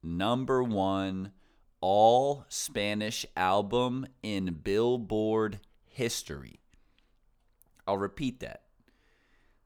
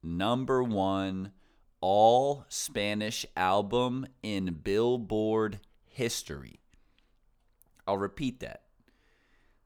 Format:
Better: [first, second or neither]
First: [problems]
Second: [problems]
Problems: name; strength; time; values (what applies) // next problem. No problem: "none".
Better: neither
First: none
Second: none